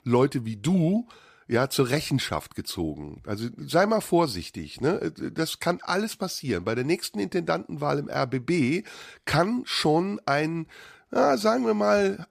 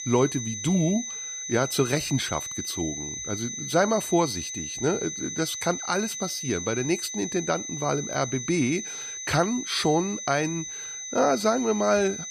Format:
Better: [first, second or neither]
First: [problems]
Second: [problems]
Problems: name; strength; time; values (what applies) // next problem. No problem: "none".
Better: first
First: none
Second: high-pitched whine; loud; throughout; 6 kHz, 6 dB below the speech